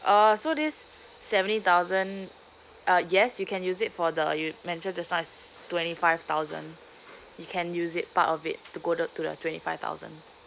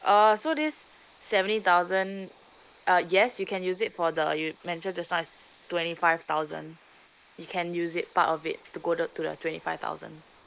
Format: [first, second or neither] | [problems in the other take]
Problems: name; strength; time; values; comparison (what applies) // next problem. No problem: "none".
first | noise reduction (neural mask model Resemble Enhance denoiser)